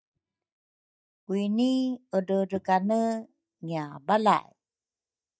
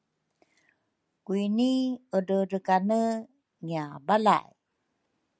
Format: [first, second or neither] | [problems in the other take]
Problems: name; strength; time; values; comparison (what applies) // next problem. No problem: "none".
second | noise reduction (neural mask model DeepFilterNet 3)